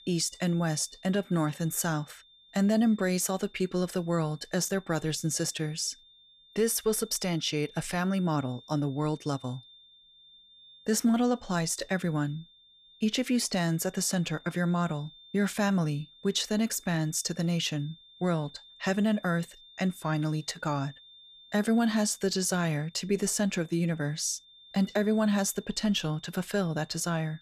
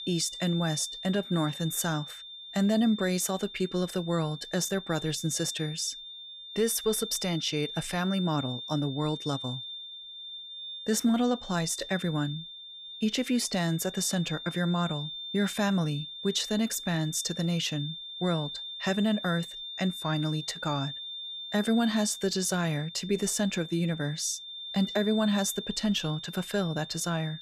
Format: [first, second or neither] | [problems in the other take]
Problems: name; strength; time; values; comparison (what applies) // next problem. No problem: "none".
first | high-pitched whine; loud; throughout; 3.5 kHz, 9 dB below the speech; faint in the first